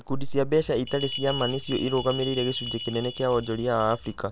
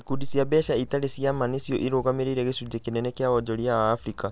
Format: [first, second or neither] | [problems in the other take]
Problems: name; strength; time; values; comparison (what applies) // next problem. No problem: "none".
second | background sound (Bell); 11 dB below the speech